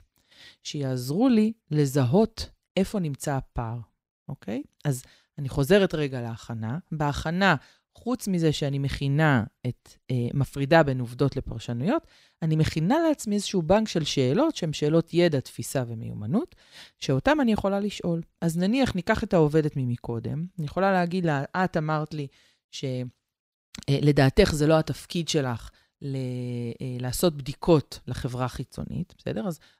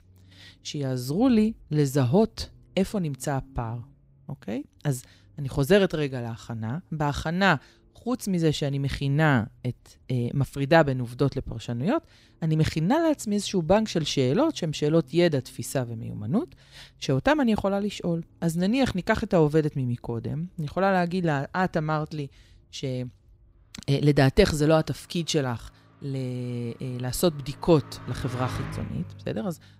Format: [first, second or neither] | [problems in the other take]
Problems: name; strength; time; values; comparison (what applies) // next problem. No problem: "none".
first | traffic noise; faint; throughout; 20 dB below the speech